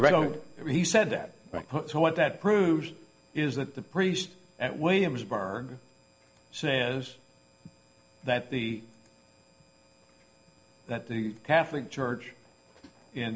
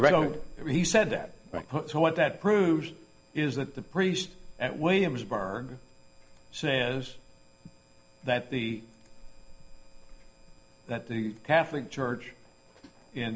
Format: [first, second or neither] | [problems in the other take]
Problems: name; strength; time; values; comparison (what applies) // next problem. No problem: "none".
first | background sound (Wind); 19 dB below the speech